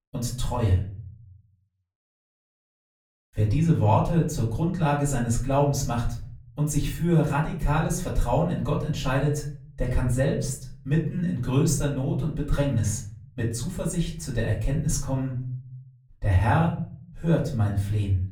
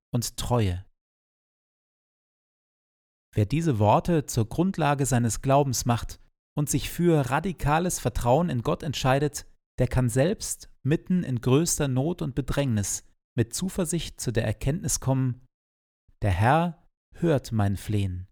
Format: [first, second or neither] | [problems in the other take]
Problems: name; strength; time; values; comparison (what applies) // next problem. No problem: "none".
second | off-mic speech; far // room echo; slight; dies away in 0.6 s